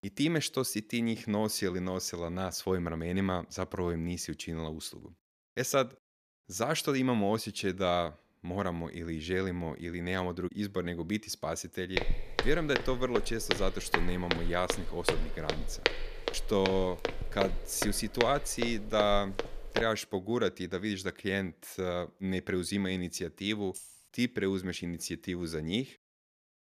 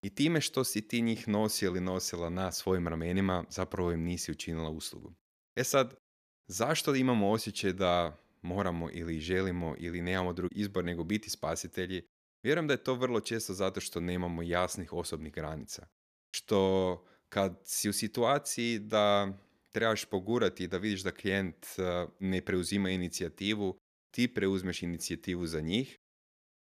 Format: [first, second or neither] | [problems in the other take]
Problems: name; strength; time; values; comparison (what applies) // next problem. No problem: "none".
second | footsteps; loud; from 12 to 20 s; peak 1 dB above the speech // jangling keys; faint; at 24 s; peak 15 dB below the speech